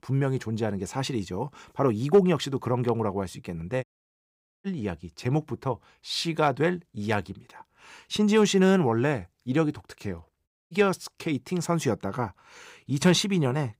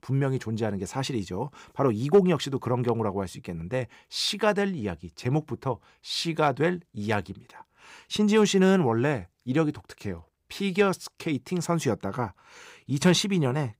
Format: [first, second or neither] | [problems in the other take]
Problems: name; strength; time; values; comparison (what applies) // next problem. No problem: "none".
second | audio cutting out; at 4 s for 1 s and at 10 s